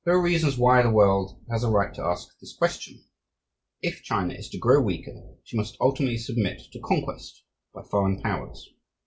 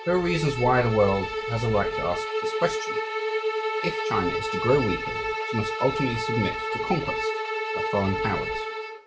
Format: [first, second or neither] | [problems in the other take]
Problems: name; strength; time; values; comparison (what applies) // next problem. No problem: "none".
first | background sound (Bowed string instrument); 2 dB below the speech